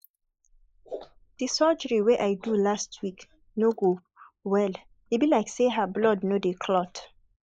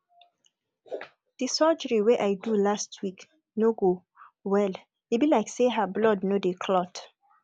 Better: second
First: noise reduction (neural mask model Resemble Enhance denoiser)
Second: none

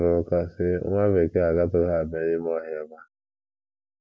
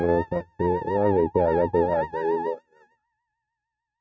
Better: first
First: none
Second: noise reduction (neural mask model RNNoise)

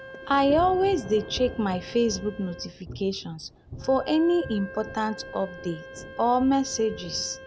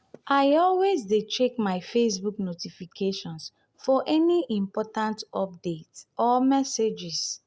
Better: second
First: background sound (Thunder / Rain + Wind instrument, woodwind instrument); 14 dB below the speech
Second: none

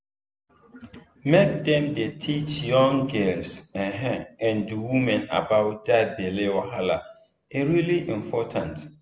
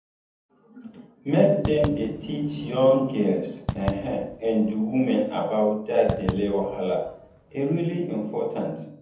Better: first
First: none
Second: background sound (Fireworks); 11 dB below the speech // room echo; dies away in 0.6 s

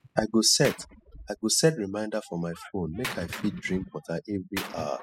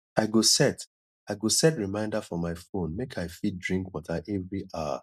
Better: second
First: noise reduction (classical method spectral subtraction)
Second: none

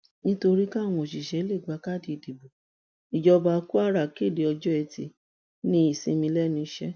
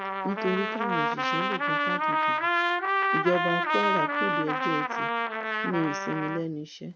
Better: first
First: none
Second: background sound (Trumpet); 5 dB above the speech

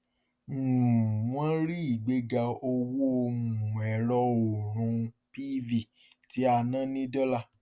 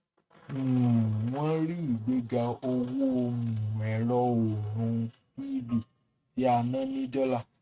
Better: first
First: none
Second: noise reduction (neural mask model RNNoise)

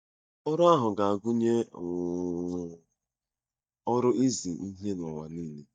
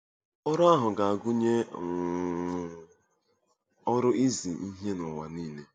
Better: second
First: noise reduction (neural mask model DeepFilterNet 3)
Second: none

